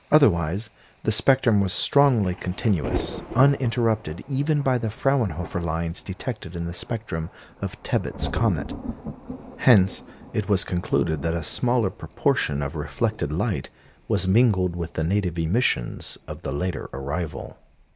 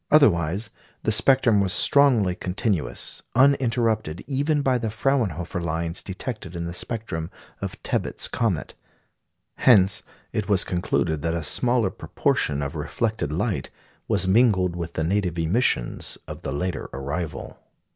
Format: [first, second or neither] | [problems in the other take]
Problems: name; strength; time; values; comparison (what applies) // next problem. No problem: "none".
second | background sound (Thunder); 14 dB below the speech